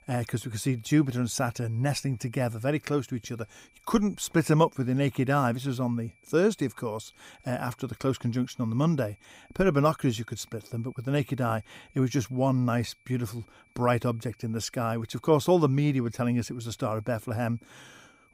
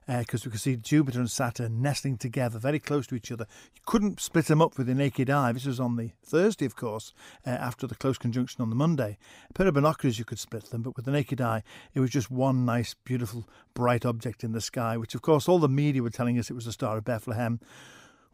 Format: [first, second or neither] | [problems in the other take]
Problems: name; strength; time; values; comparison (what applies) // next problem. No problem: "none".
second | high-pitched whine; faint; throughout; 2.5 kHz, 35 dB below the speech